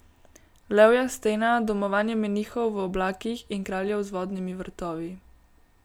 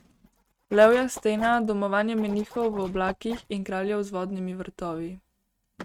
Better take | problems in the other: first | noise reduction (neural mask model RNNoise)

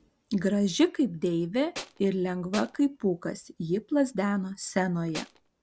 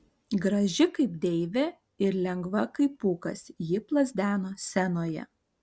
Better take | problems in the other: second | background sound (Tools); 12 dB below the speech

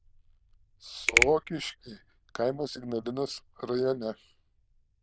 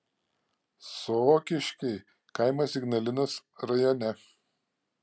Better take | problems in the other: second | noise reduction (neural diffusion model UNIVERSE++)

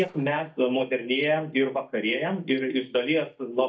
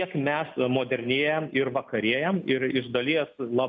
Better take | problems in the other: second | noise reduction (neural mask model DeepFilterNet 3)

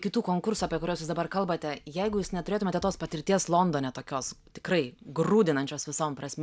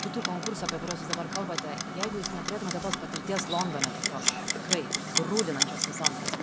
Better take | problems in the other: first | background sound (Clock); 3 dB above the speech

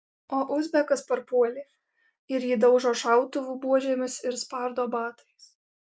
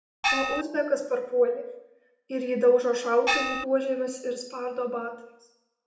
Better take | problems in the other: first | background sound (Gong); 1 dB above the speech // room echo; dies away in 0.8 s

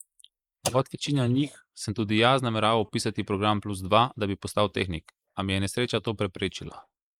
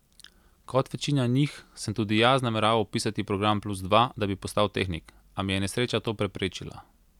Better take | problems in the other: second | noise reduction (neural mask model Resemble Enhance denoiser)

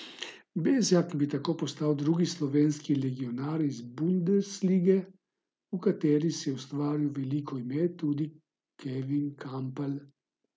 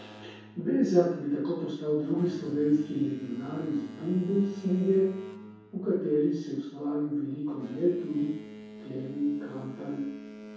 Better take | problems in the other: first | background sound (Boat, Water vehicle); 18 dB below the speech // room echo; dies away in 0.7 s

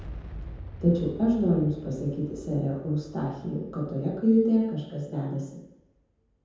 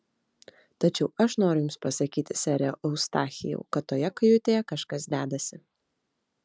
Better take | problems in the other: second | background sound (Boom); 17 dB below the speech // room echo; dies away in 0.9 s

